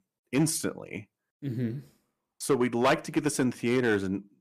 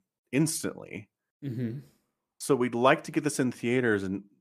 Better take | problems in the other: second | distortion; slight; 2% of the sound clipped

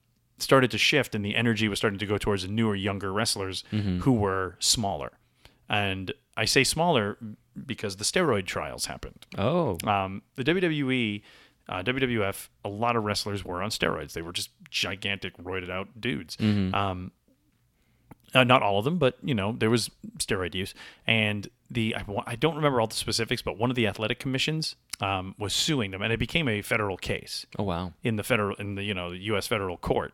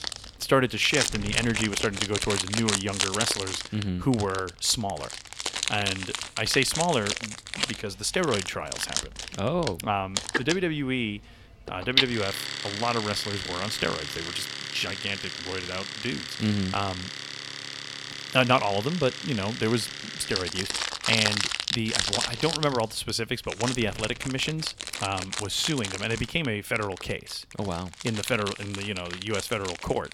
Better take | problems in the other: first | household noises; loud; throughout; 2 dB below the speech

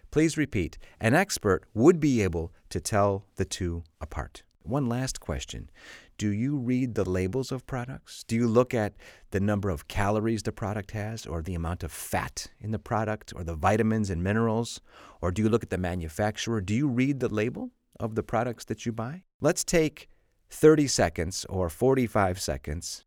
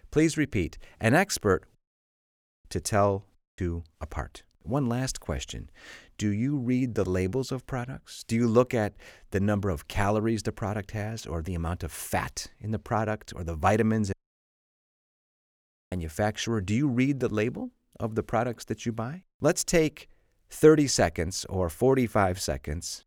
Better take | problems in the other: first | audio cutting out; at 2 s for 1 s, at 3.5 s and at 14 s for 2 s

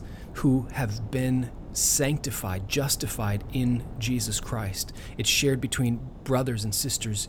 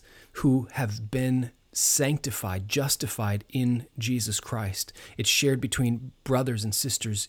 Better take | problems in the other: second | wind noise on the microphone; occasional gusts; 20 dB below the speech

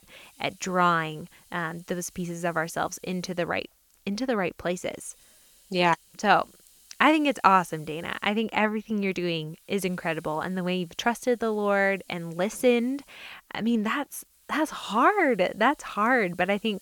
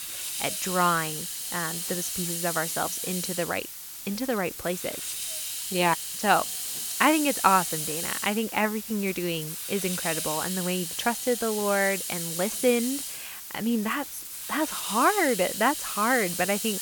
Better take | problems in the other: first | hiss; loud; throughout; 4 dB below the speech; faint in the first

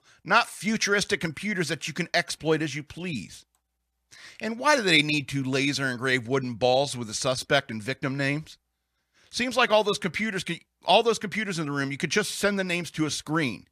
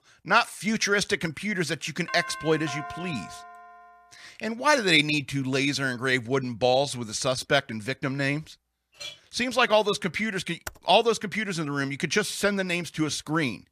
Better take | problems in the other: first | doorbell; faint; from 2 to 4 s; peak 10 dB below the speech // clattering dishes; faint; at 9 s; peak 15 dB below the speech // keyboard typing; very faint; at 11 s; peak 15 dB below the speech

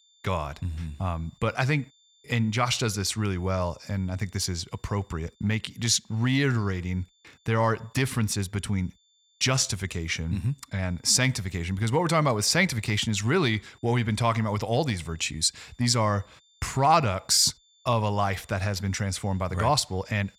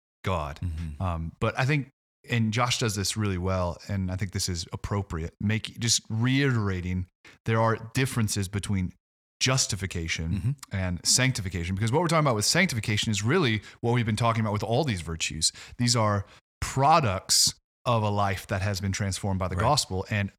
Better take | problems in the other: second | high-pitched whine; faint; throughout; 3.5 kHz, 35 dB below the speech

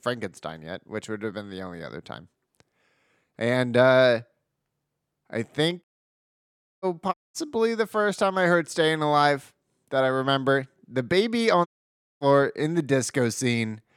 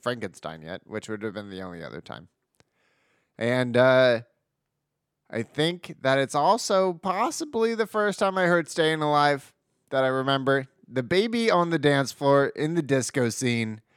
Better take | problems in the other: second | audio cutting out; at 6 s for 1 s, at 7 s and at 12 s for 0.5 s

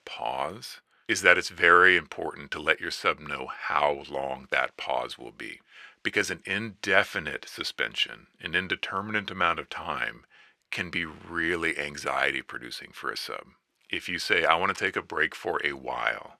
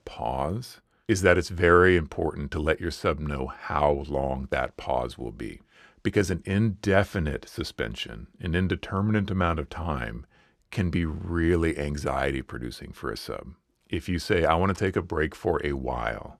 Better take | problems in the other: second | thin; very; fading below 750 Hz

